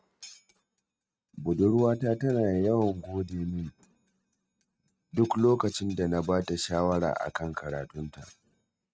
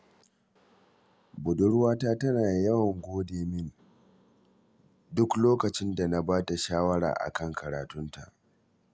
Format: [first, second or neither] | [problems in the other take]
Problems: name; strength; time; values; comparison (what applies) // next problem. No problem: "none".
second | noise reduction (neural mask model RNNoise)